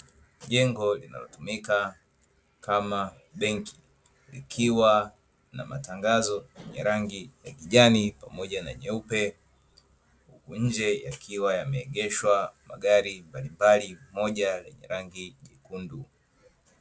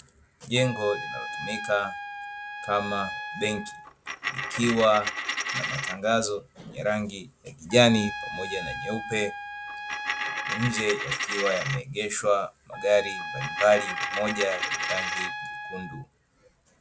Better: first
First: none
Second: background sound (Coin (dropping) + Trumpet); 5 dB below the speech

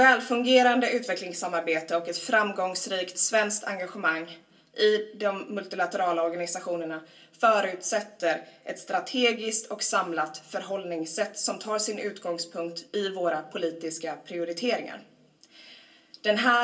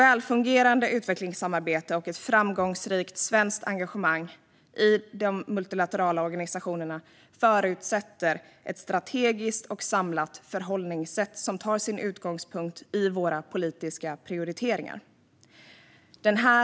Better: second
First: room echo; dies away in 0.2 s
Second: none

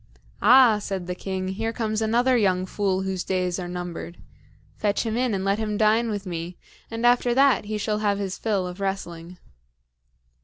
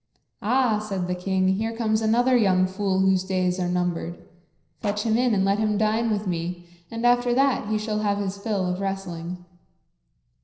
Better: first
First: none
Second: noise reduction (neural separator model SepFormer DNS4)

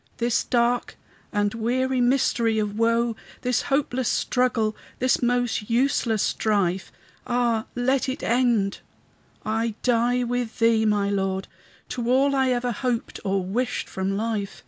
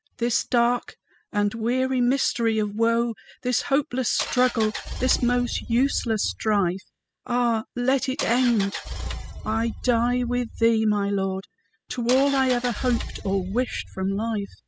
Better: first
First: none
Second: noise reduction (classical method spectral subtraction)

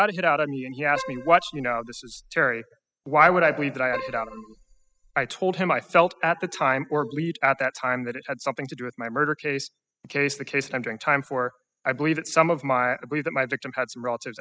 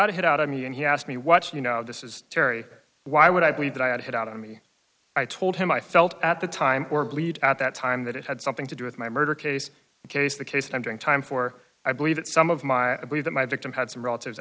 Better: second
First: noise reduction (classical method spectral subtraction)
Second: none

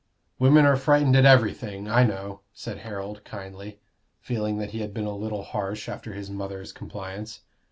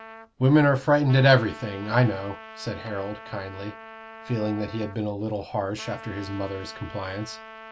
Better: first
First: none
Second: background sound (Trumpet); 18 dB below the speech

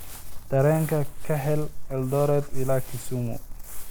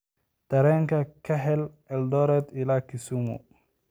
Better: second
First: background sound (Crumpling, crinkling); 2 dB below the speech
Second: none

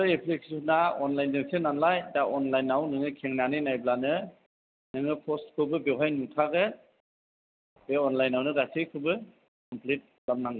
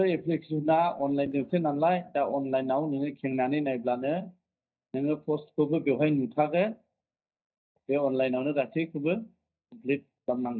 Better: first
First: none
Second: noise reduction (neural mask model DeepFilterNet 3)

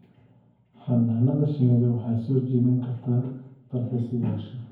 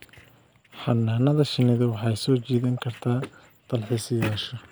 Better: second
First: room echo; dies away in 0.9 s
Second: none

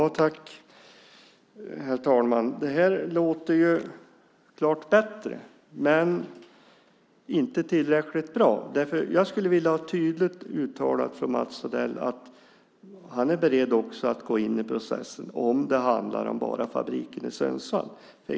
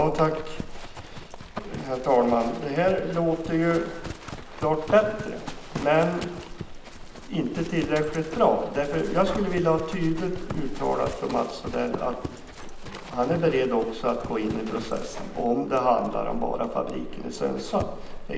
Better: first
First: none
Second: background sound (Livestock, farm animals, working animals); 9 dB below the speech // room echo; dies away in 1 s

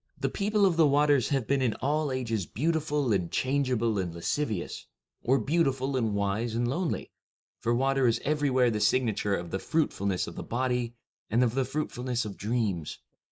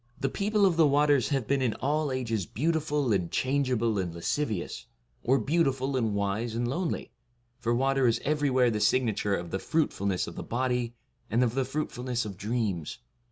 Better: second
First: noise reduction (neural mask model Resemble Enhance denoiser)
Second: none

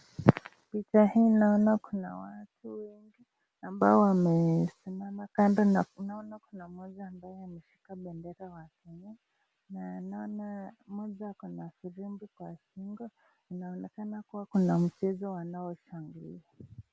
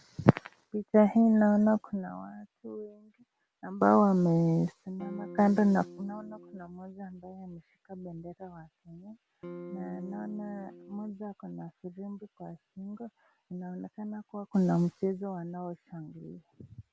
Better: first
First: none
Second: background sound (Electric guitar / Strum); 14 dB below the speech

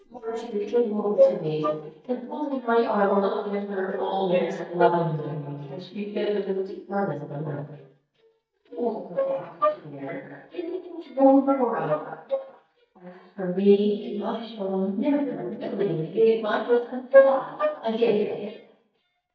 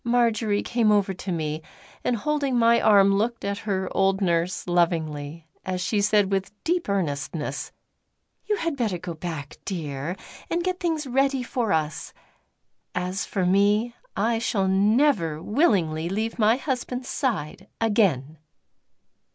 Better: second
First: noise reduction (neural mask model DeepFilterNet 3)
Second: none

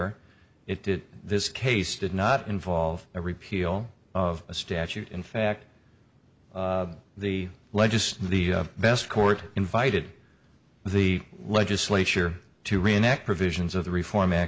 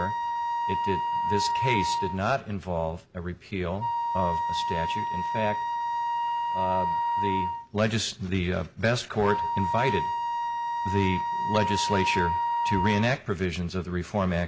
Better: first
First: none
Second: background sound (Wind instrument, woodwind instrument); as loud as the speech

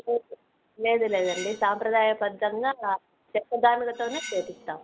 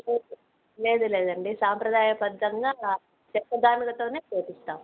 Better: second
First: background sound (Cutlery, silverware); 14 dB below the speech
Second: none

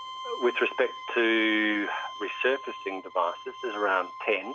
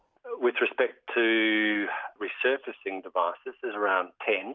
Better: second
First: background sound (Bowed string instrument); 12 dB below the speech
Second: none

